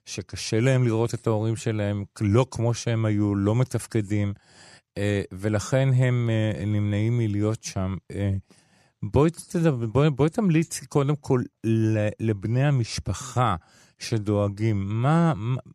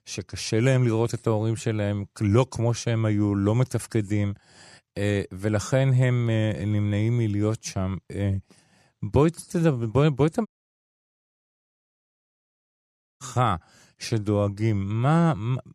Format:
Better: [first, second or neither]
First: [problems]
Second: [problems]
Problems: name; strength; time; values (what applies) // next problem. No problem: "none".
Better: first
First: none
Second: audio cutting out; at 10 s for 2.5 s